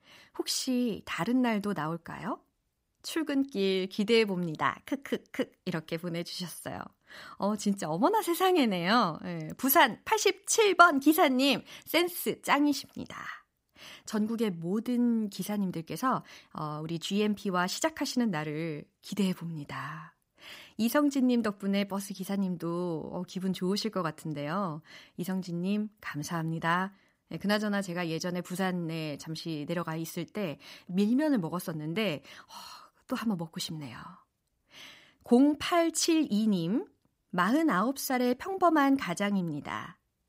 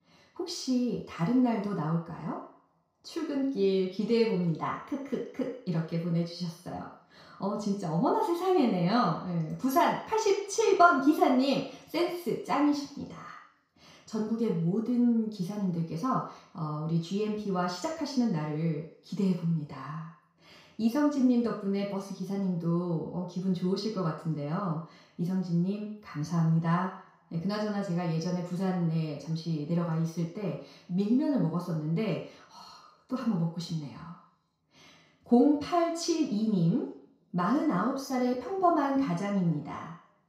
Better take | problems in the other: first | room echo; noticeable; dies away in 0.6 s // off-mic speech; far

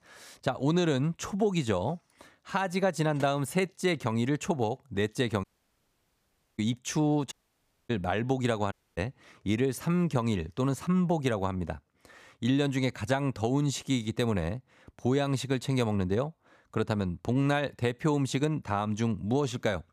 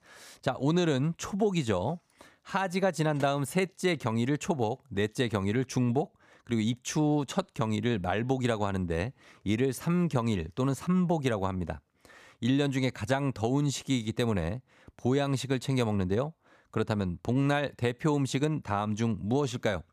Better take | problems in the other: second | audio cutting out; at 5.5 s for 1 s, at 7.5 s for 0.5 s and at 8.5 s

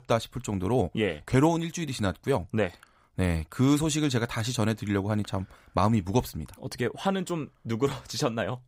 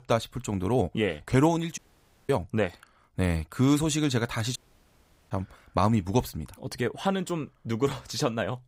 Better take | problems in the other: first | audio cutting out; at 2 s for 0.5 s and at 4.5 s for 1 s

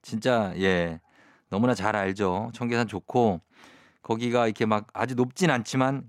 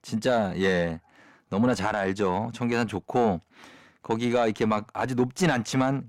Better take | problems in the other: first | distortion; slight; 10 dB below the speech

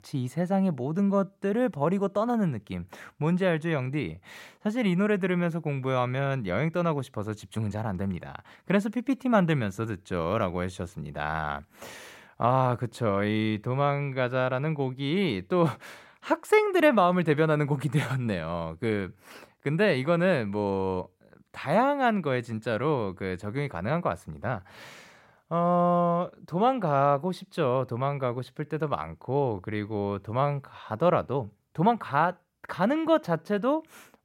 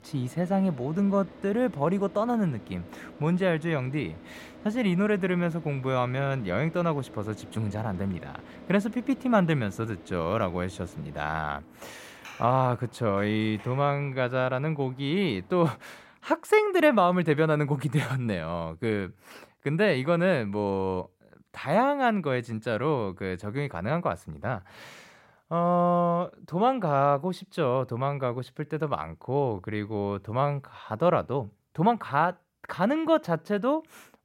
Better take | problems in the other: first | traffic noise; faint; until 16 s; 20 dB below the speech

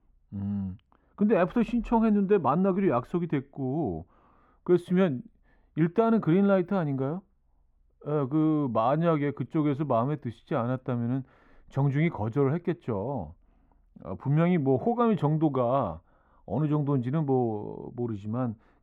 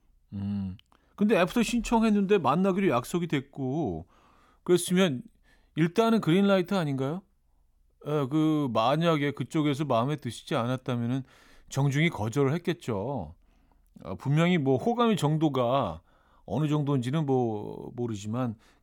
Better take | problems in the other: second | muffled; very; fading above 3 kHz

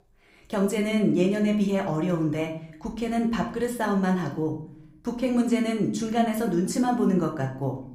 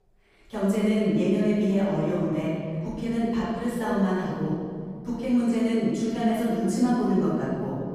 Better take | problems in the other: first | room echo; strong; dies away in 2.2 s; slight in the first // off-mic speech; far; somewhat distant in the first

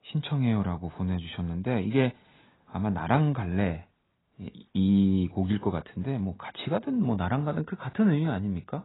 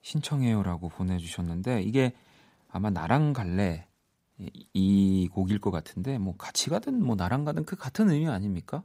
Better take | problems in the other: second | garbled, watery; badly; nothing above 4 kHz

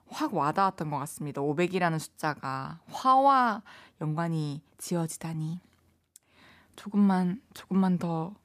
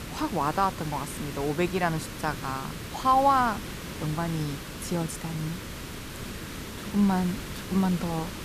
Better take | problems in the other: first | hiss; loud; throughout; 9 dB below the speech

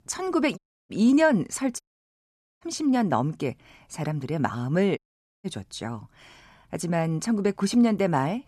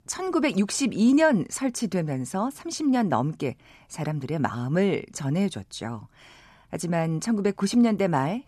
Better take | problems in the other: second | audio cutting out; at 0.5 s, at 2 s for 1 s and at 5 s

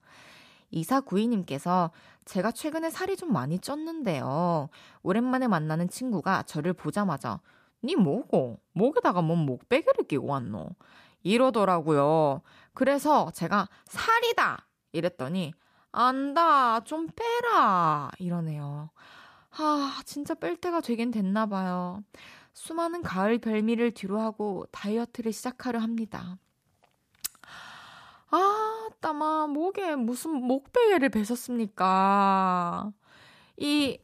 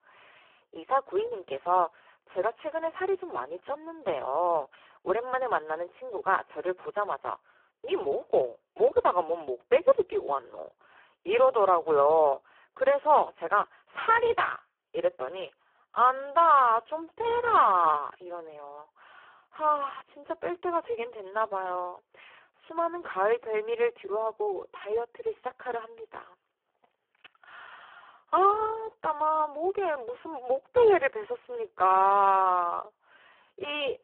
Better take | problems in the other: first | phone-call audio; poor line

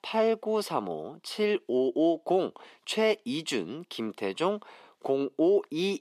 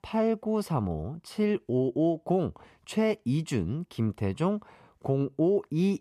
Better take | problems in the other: second | thin; somewhat; fading below 300 Hz

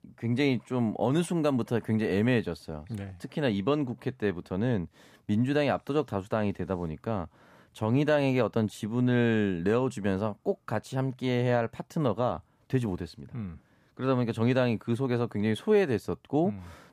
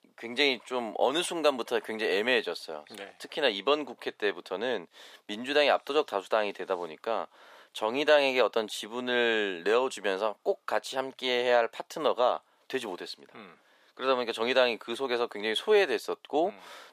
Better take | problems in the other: first | thin; very; fading below 450 Hz

